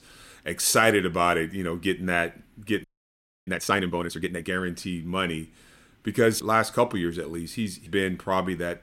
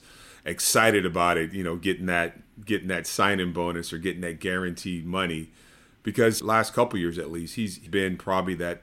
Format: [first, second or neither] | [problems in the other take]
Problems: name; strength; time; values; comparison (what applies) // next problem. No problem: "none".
second | audio freezing; at 3 s for 0.5 s